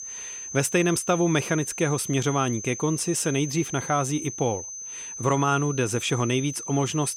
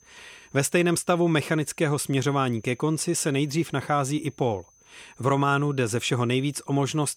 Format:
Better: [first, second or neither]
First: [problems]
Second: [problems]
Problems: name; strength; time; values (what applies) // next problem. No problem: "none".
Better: second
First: high-pitched whine; loud; throughout; 6 kHz, 9 dB below the speech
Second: high-pitched whine; faint; throughout; 6 kHz, 30 dB below the speech